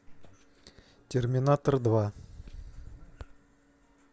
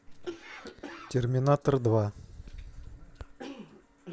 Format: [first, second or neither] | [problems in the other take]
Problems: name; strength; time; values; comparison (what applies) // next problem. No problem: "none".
first | background sound (Cough); 16 dB below the speech